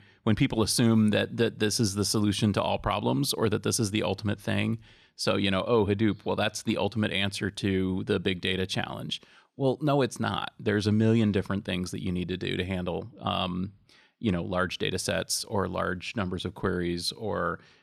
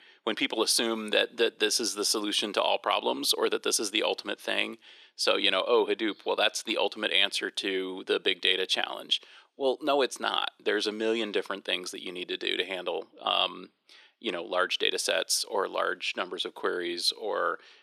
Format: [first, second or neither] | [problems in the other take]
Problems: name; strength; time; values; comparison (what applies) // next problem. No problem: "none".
first | thin; very; fading below 350 Hz